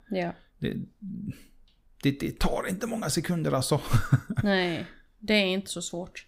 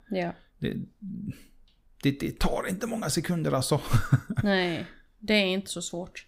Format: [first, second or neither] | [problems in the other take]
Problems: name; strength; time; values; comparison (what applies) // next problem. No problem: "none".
neither | none